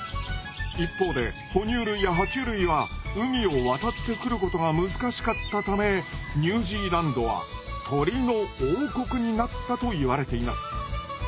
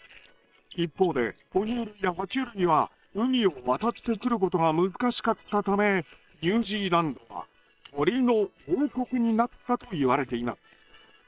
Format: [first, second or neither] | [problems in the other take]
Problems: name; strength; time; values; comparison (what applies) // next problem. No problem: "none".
first | noise reduction (neural separator model SepFormer WHAM!)